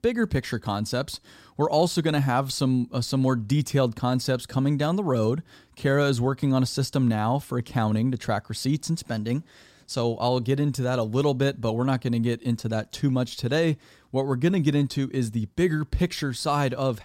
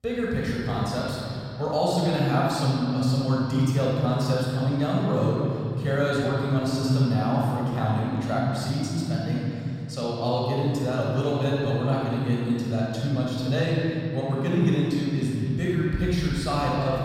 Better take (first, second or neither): first